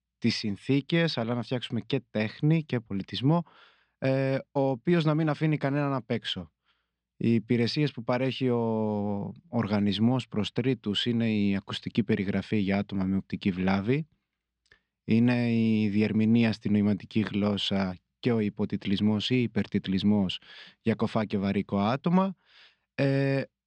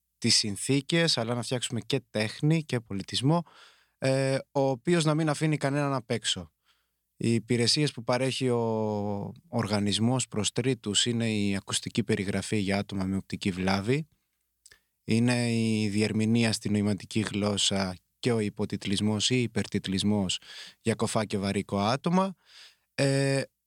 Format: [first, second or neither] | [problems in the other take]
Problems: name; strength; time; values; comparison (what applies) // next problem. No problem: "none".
second | muffled; slightly; fading above 3.5 kHz